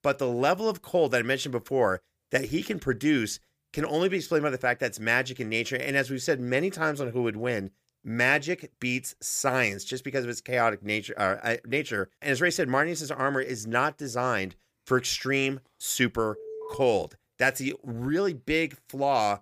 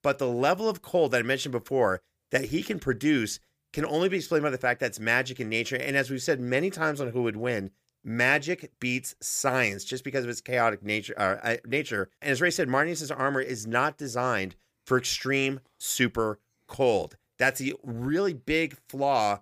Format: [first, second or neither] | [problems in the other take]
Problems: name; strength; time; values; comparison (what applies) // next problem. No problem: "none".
second | alarm; faint; at 16 s; peak 10 dB below the speech